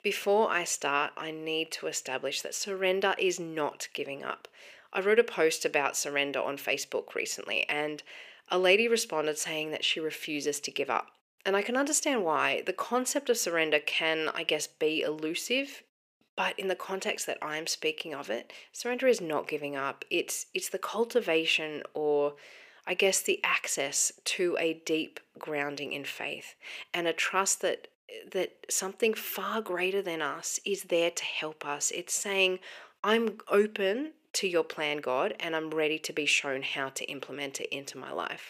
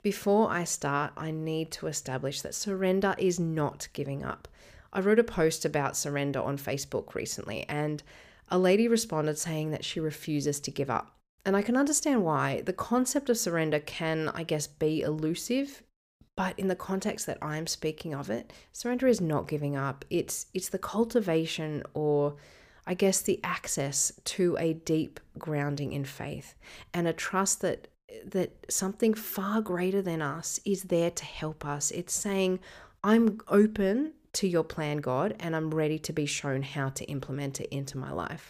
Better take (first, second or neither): second